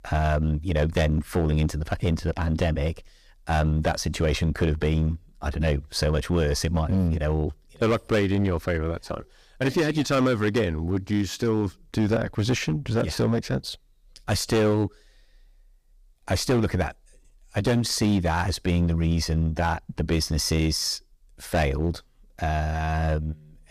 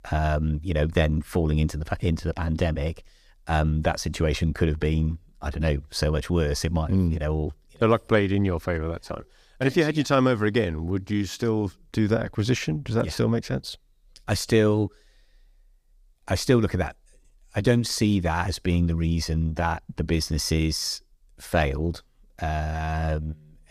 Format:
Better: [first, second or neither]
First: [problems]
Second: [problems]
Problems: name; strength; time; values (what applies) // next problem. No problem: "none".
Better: second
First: distortion; slight; 7% of the sound clipped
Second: none